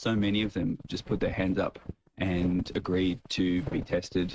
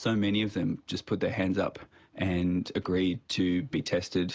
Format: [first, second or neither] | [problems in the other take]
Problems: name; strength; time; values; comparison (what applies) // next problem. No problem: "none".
second | noise reduction (neural mask model RNNoise)